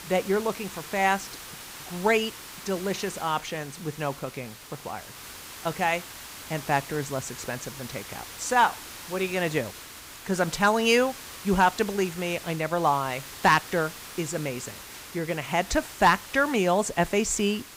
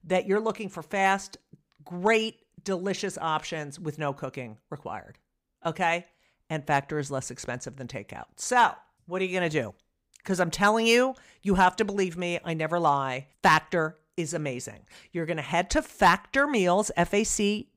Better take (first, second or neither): second